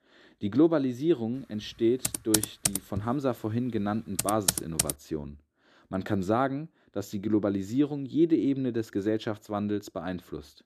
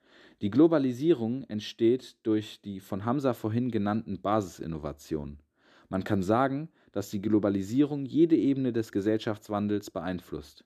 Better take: second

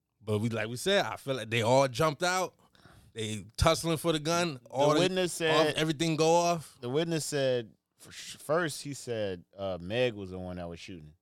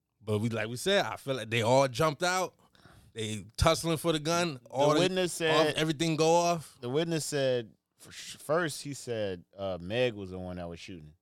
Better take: neither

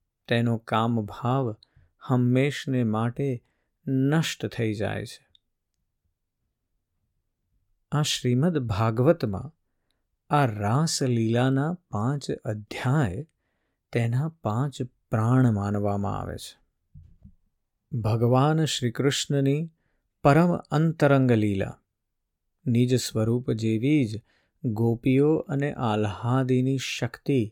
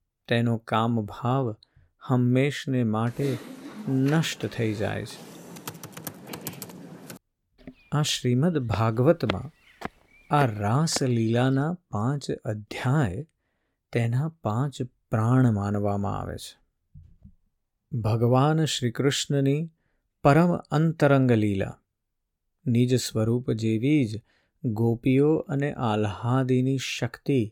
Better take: first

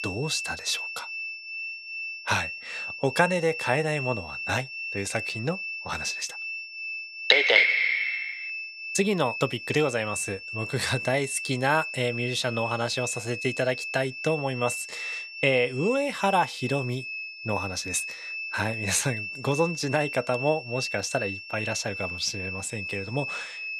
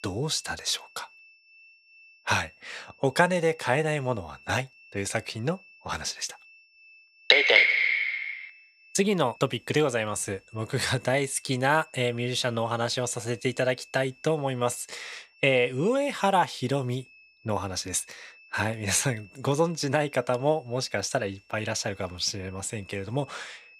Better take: second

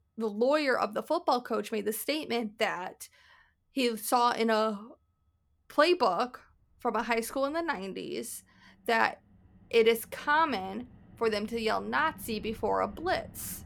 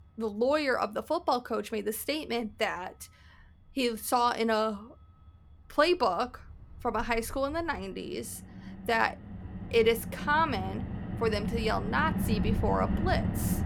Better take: first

